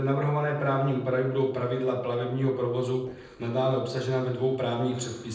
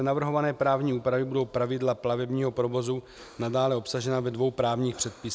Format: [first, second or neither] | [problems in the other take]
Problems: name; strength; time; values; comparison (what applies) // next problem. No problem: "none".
second | noise reduction (neural separator model SepFormer DNS4)